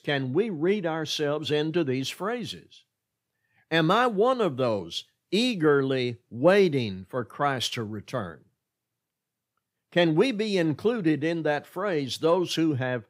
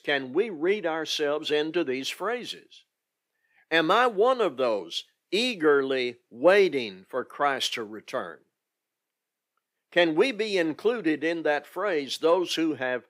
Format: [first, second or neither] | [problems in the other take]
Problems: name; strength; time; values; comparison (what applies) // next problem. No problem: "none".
first | thin; somewhat; fading below 400 Hz